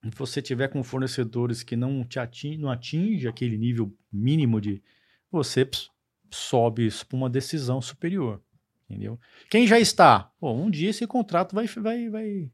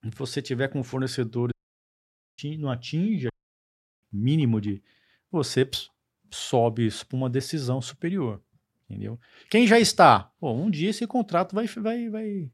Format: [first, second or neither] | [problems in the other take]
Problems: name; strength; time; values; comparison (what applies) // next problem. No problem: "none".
first | audio cutting out; at 1.5 s for 1 s and at 3.5 s for 0.5 s